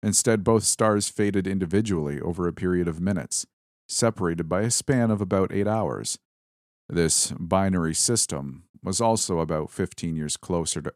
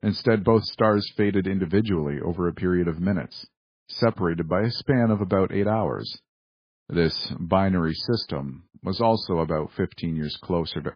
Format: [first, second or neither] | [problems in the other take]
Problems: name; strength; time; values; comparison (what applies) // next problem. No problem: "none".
first | garbled, watery; badly; nothing above 5 kHz